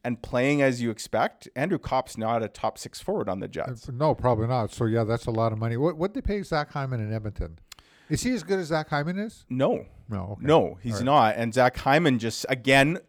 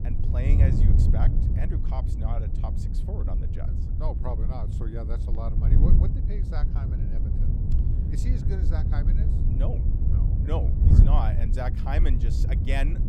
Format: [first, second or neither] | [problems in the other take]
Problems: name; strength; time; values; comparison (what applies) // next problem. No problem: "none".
first | wind noise on the microphone; heavy; 1 dB below the speech